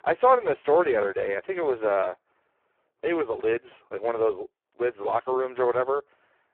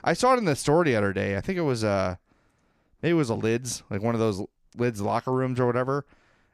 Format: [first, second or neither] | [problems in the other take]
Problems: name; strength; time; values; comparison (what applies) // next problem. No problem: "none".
second | phone-call audio; poor line; nothing above 3.5 kHz